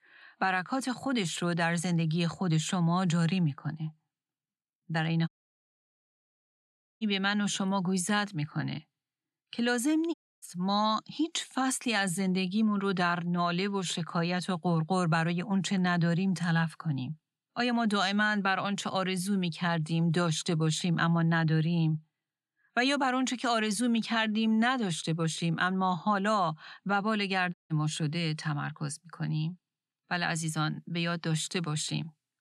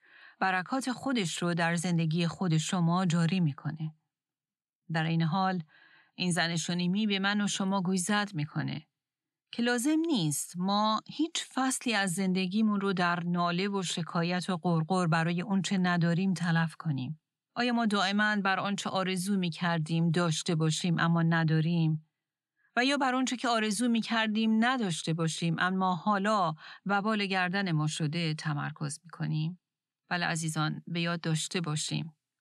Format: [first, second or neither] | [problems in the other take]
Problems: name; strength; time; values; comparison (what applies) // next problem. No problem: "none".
second | audio cutting out; at 5.5 s for 1.5 s, at 10 s and at 28 s